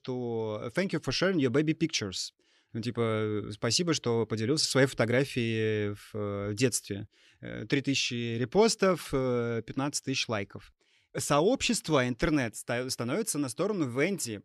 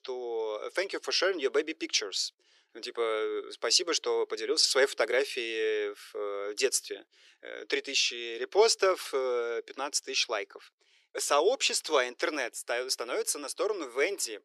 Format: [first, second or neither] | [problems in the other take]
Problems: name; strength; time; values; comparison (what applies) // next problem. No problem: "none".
first | thin; very; fading below 400 Hz